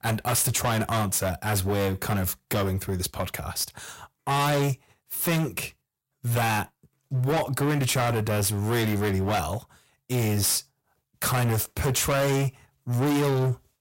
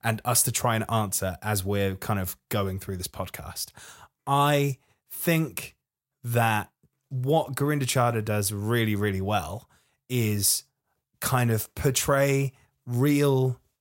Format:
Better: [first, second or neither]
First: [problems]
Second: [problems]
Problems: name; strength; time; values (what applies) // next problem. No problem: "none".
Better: second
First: distortion; heavy; 22% of the sound clipped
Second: none